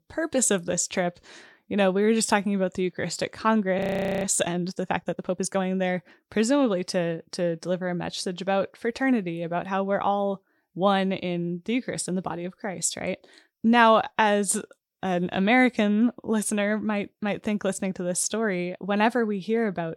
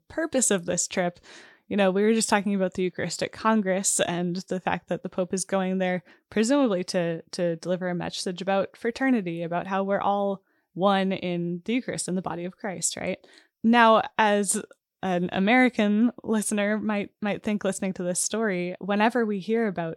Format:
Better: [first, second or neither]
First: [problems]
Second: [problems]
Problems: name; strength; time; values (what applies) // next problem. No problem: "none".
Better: second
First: audio freezing; at 4 s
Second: none